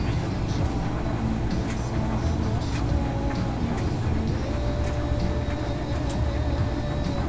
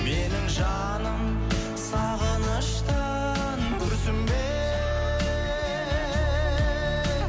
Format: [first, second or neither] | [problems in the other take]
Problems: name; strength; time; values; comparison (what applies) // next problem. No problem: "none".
second | background sound (Engine); 2 dB above the speech // room echo; dies away in 0.4 s